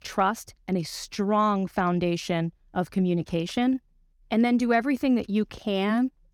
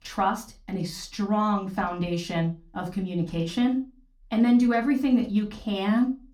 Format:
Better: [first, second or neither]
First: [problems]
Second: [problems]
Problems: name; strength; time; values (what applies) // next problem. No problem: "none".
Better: first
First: none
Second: off-mic speech; far // room echo; very slight; dies away in 0.2 s